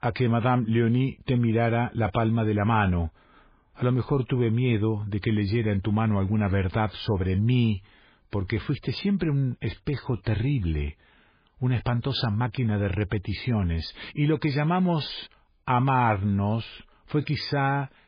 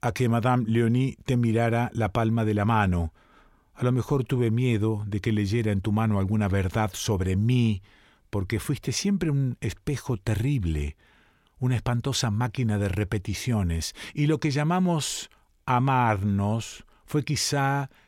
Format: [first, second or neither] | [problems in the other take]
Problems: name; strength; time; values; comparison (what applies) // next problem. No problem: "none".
second | garbled, watery; badly; nothing above 11 kHz